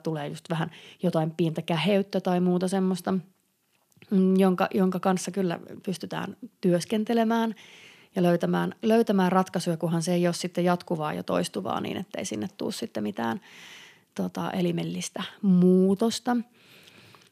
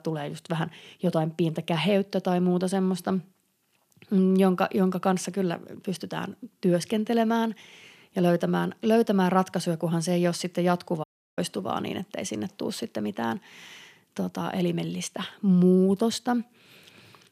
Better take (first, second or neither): first